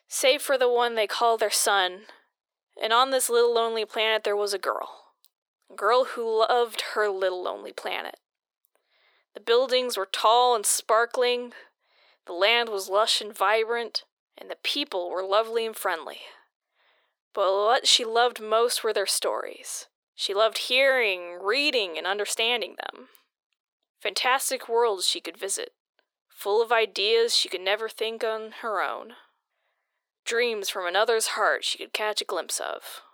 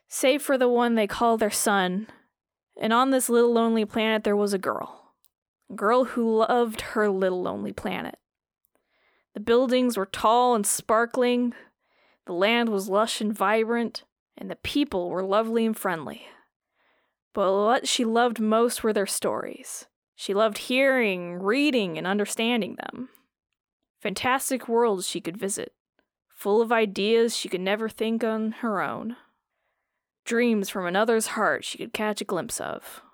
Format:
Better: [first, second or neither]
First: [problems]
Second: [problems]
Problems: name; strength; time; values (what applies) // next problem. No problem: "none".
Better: second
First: thin; very; fading below 400 Hz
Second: none